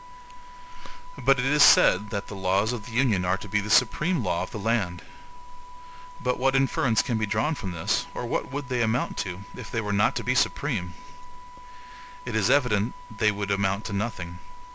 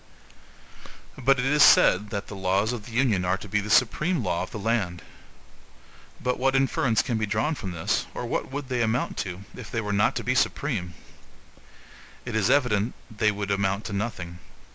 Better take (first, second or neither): second